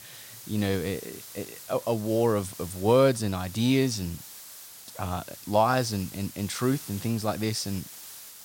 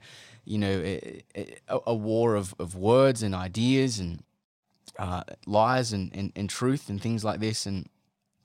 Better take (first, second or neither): second